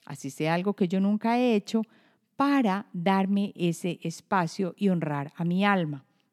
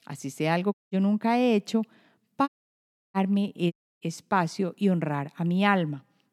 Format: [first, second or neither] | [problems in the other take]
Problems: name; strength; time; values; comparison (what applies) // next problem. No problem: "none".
first | audio cutting out; at 0.5 s, at 2.5 s for 0.5 s and at 3.5 s